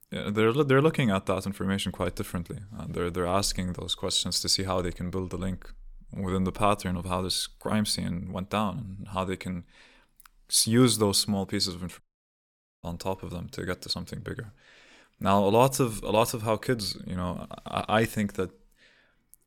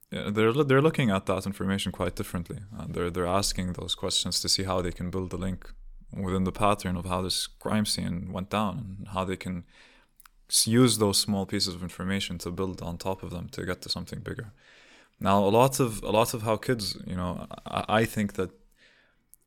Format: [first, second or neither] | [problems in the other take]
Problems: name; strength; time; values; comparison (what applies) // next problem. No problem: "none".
second | audio cutting out; at 12 s for 1 s